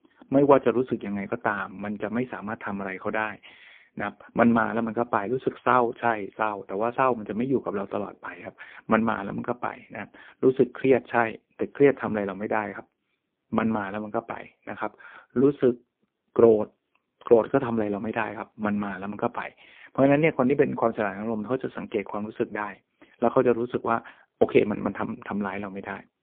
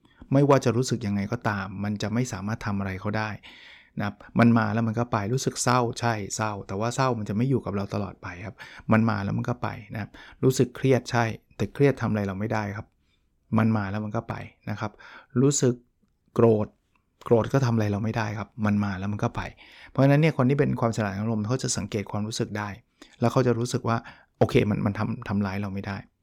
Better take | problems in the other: second | phone-call audio; poor line

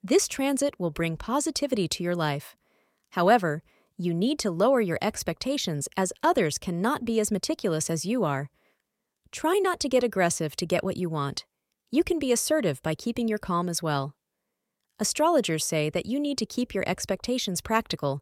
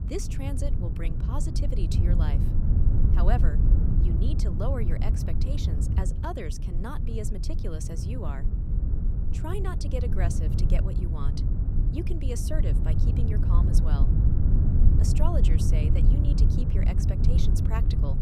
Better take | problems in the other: first | low rumble; loud; throughout; 1 dB below the speech

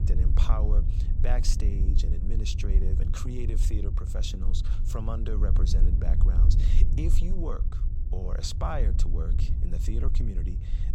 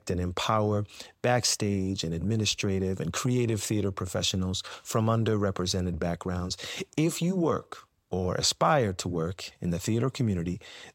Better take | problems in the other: second | low rumble; loud; throughout; 6 dB below the speech

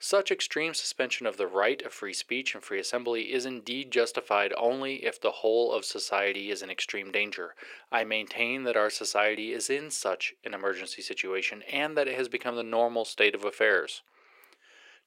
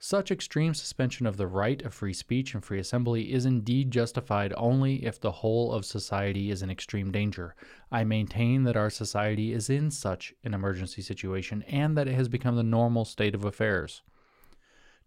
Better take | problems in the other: second | thin; very; fading below 400 Hz

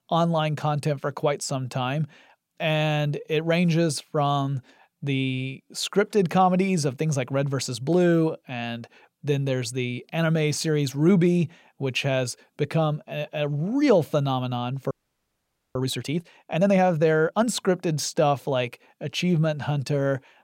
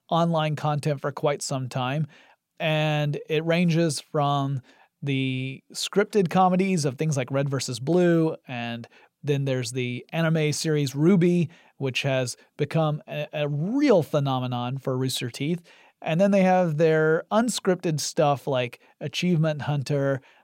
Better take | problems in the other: second | audio freezing; at 15 s for 1 s

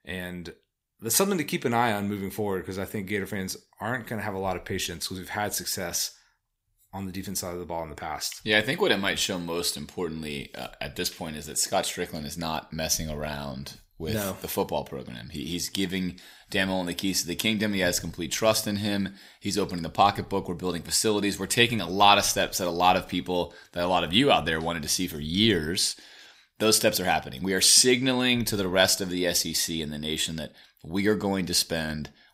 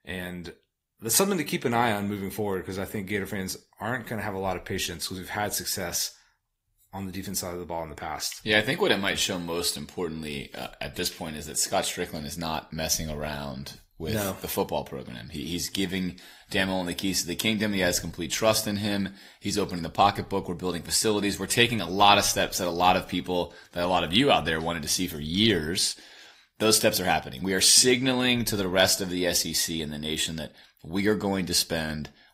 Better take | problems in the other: first | garbled, watery; slightly; nothing above 15.5 kHz

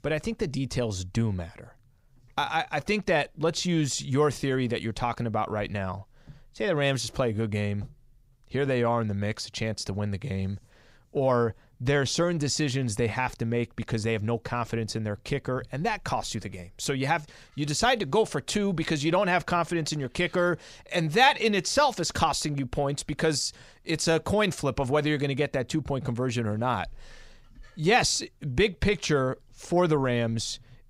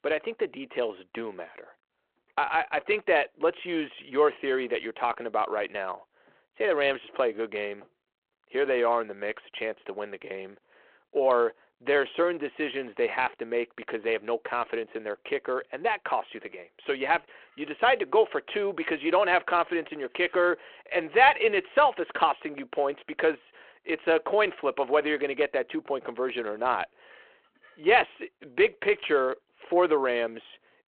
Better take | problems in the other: first | phone-call audio

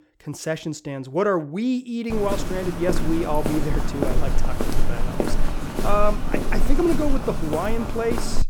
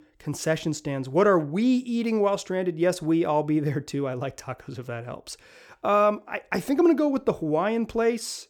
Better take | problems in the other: second | footsteps; noticeable; from 2 s on; peak level with the speech

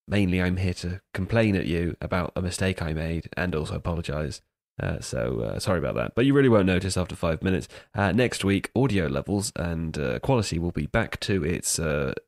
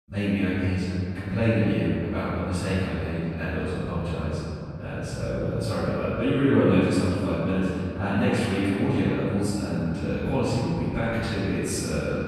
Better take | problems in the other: first | off-mic speech; far // room echo; strong; dies away in 2.9 s

